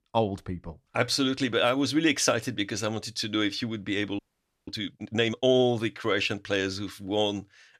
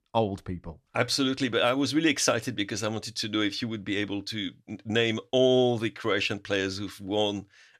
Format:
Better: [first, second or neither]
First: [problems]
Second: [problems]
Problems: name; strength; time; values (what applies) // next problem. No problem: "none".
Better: second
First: audio freezing; at 4 s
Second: none